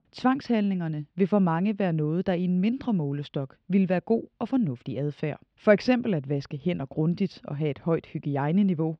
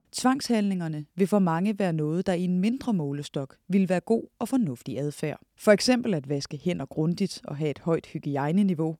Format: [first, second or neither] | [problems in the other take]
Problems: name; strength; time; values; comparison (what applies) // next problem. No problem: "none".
second | muffled; slightly; fading above 4 kHz